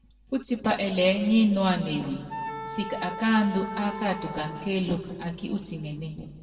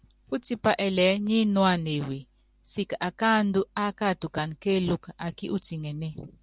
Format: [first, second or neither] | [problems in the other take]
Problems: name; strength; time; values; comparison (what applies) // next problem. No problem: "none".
second | background sound (Wind instrument, woodwind instrument); 11 dB below the speech // room echo; dies away in 1.8 s